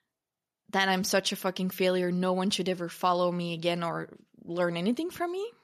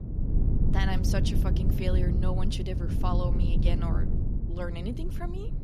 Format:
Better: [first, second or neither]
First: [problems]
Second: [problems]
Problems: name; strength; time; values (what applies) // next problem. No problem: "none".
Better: first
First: none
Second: low rumble; loud; throughout; 4 dB below the speech